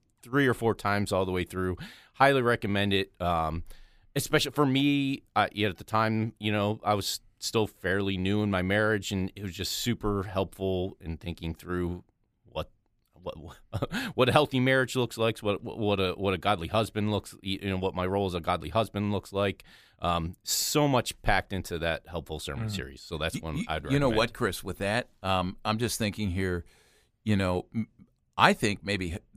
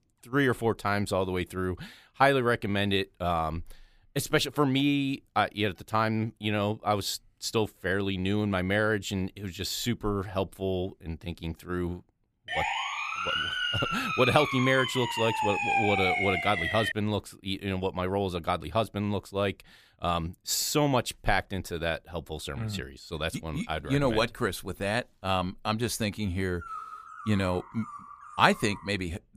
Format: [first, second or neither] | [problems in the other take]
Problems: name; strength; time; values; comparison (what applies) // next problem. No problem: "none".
first | siren; loud; from 12 to 17 s; peak 3 dB above the speech // dog barking; faint; from 27 s on; peak 10 dB below the speech